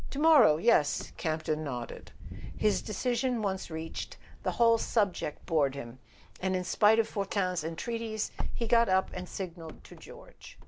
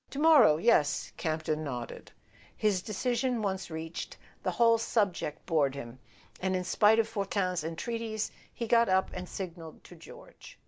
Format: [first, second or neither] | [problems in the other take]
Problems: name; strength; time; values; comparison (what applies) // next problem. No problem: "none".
second | background sound (Wind / Car); 7 dB below the speech